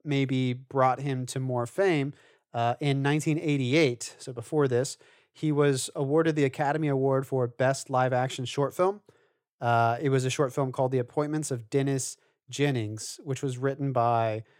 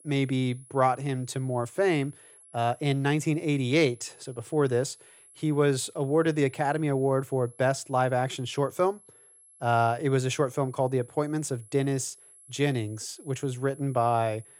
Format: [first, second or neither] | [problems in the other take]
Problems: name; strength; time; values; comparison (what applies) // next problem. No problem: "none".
first | high-pitched whine; faint; throughout; 11 kHz, 25 dB below the speech